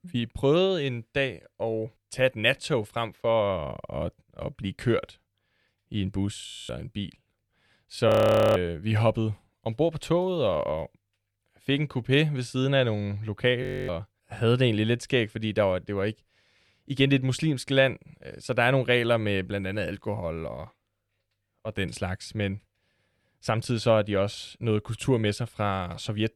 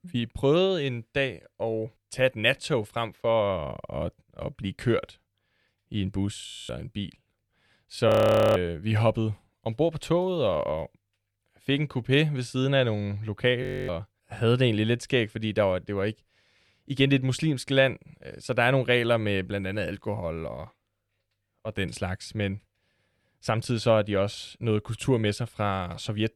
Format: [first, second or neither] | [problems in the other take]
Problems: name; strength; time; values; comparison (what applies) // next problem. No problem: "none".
neither | audio freezing; at 6.5 s, at 8 s and at 14 s; the same in both